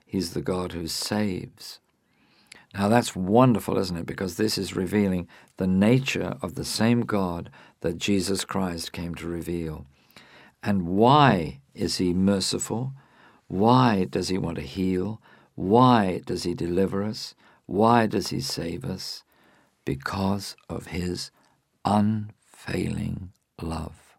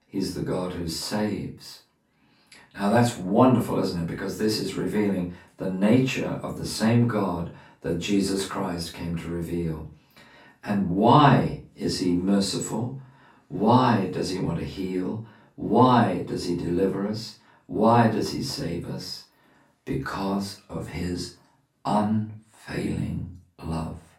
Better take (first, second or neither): first